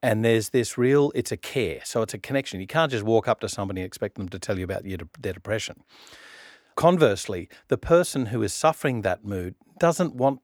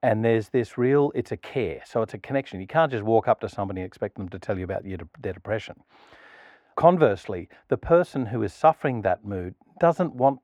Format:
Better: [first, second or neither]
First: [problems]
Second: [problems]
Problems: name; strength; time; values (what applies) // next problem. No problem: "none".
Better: first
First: none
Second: muffled; very; fading above 4 kHz